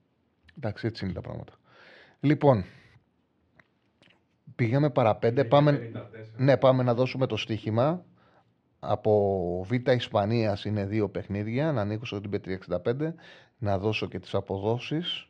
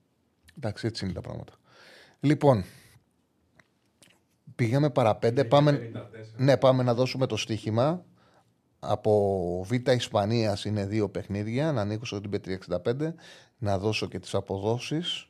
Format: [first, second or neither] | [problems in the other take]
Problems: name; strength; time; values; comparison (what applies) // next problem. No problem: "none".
second | muffled; very slightly; fading above 3 kHz